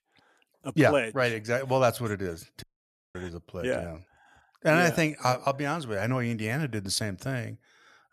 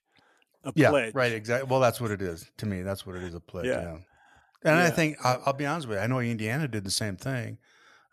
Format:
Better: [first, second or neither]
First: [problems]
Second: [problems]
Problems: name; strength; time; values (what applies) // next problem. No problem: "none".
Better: second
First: audio cutting out; at 2.5 s for 0.5 s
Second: none